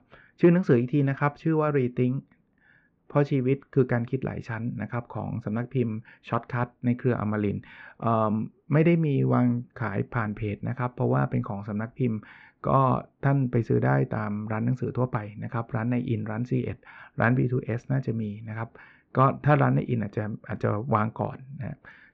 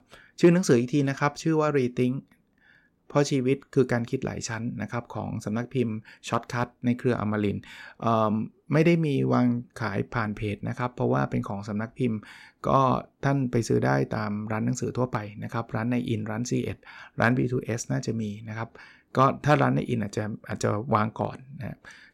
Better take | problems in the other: second | muffled; very; fading above 2.5 kHz

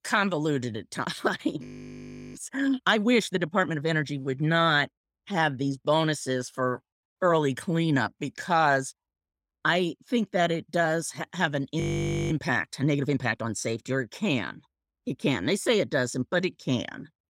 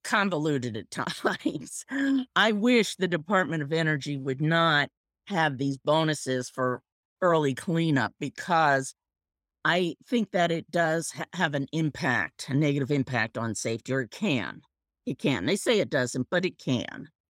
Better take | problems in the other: second | audio freezing; at 1.5 s for 0.5 s and at 12 s for 0.5 s

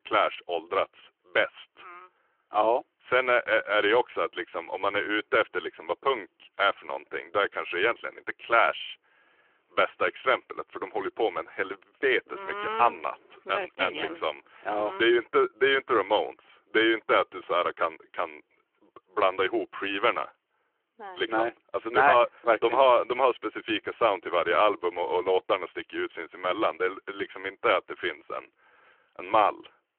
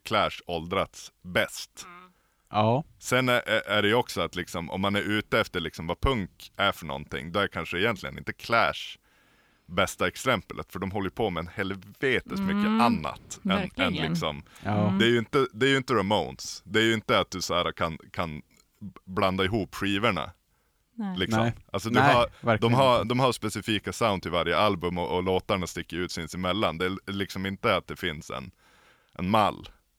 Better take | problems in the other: second | phone-call audio; nothing above 3 kHz

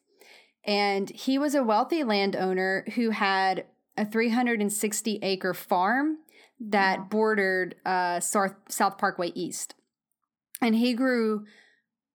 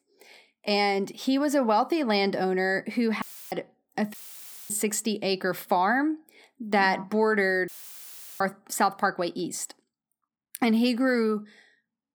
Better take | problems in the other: first | audio cutting out; filled with static; at 3 s, at 4 s for 0.5 s and at 7.5 s for 0.5 s

